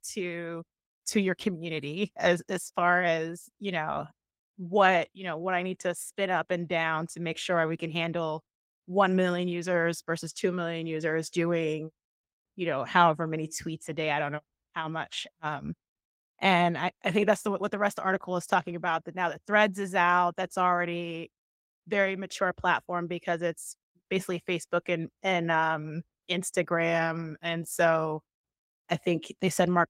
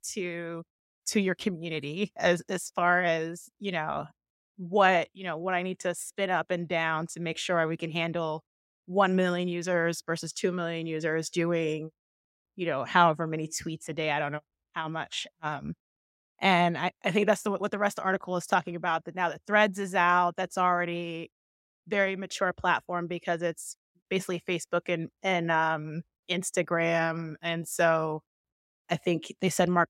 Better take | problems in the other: second | garbled, watery; slightly; nothing above 16 kHz

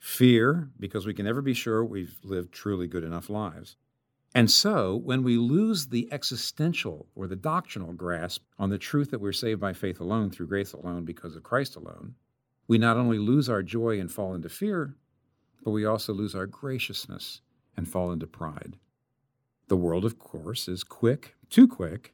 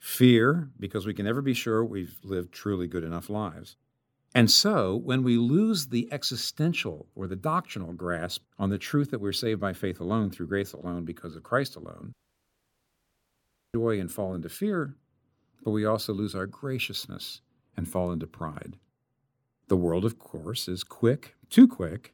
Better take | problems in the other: first | audio cutting out; at 12 s for 1.5 s

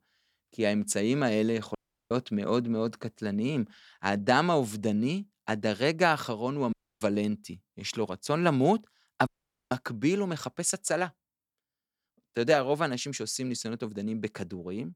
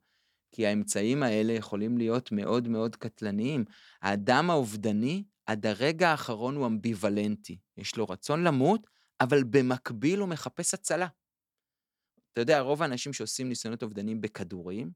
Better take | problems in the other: second | audio cutting out; at 2 s, at 6.5 s and at 9.5 s

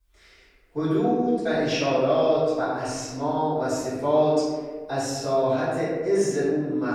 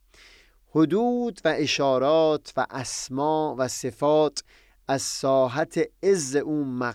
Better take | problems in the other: second | off-mic speech; far // room echo; strong; dies away in 1.5 s

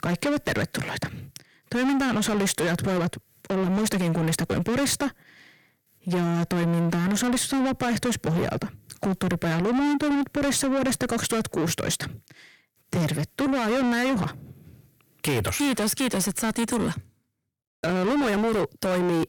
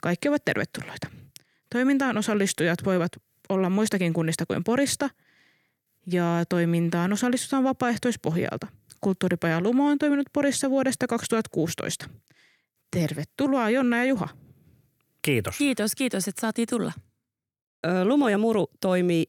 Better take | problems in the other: second | distortion; heavy; 6 dB below the speech

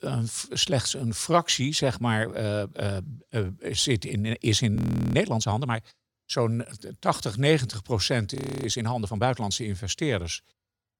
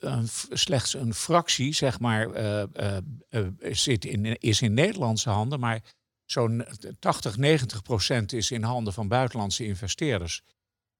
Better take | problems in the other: second | audio freezing; at 5 s and at 8.5 s

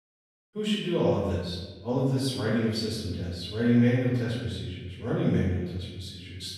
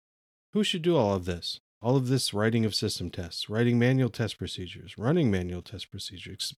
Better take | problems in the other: second | off-mic speech; far // room echo; strong; dies away in 1.1 s

